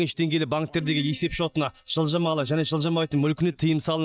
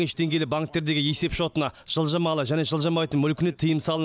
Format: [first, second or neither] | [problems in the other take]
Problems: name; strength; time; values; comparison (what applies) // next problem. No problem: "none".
second | noise reduction (neural mask model DeepFilterNet 3)